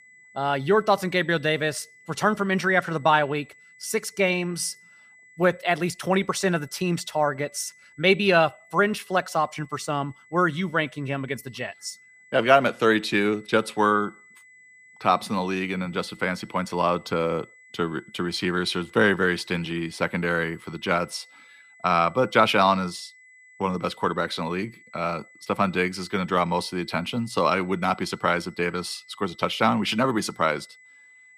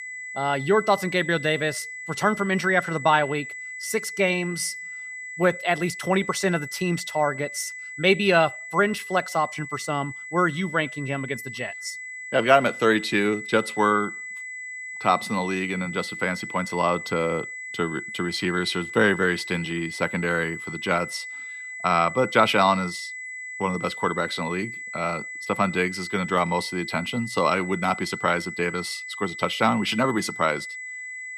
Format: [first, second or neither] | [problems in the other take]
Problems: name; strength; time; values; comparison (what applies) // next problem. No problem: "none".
first | high-pitched whine; loud; throughout; 2 kHz, 9 dB below the speech; faint in the first